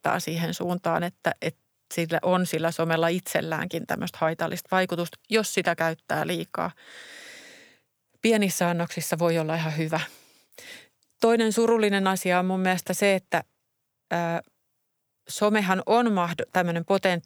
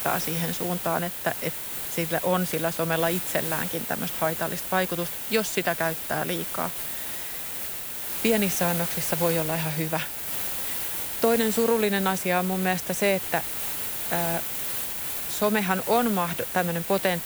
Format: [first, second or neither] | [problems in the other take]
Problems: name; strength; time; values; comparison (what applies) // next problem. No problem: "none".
first | hiss; loud; throughout; 2 dB below the speech